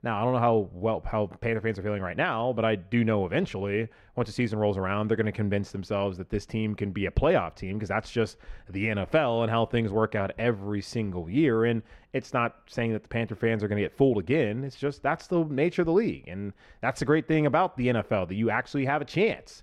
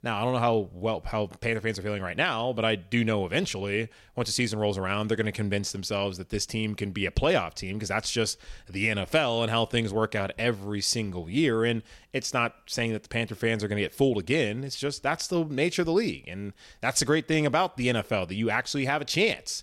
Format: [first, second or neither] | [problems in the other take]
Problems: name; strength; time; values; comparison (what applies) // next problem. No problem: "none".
second | muffled; very; fading above 3 kHz